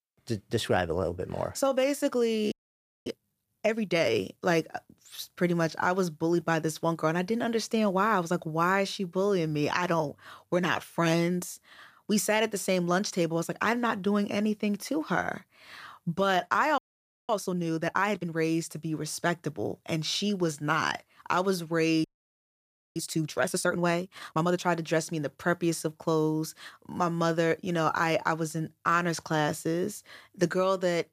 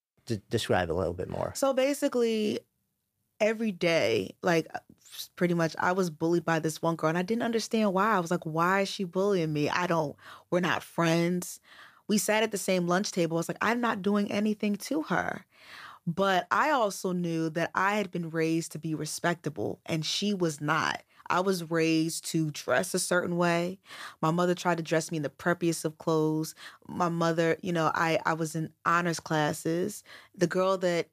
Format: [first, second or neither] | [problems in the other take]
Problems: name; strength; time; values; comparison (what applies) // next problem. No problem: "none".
second | audio freezing; at 2.5 s for 0.5 s, at 17 s for 0.5 s and at 22 s for 1 s